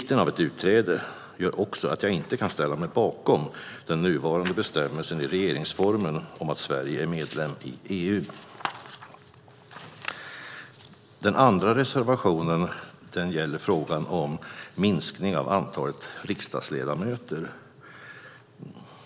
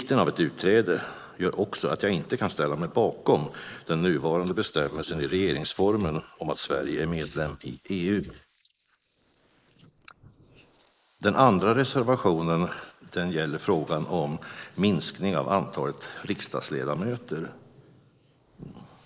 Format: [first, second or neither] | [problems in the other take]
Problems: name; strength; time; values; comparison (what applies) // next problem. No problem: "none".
first | noise reduction (neural mask model Resemble Enhance denoiser)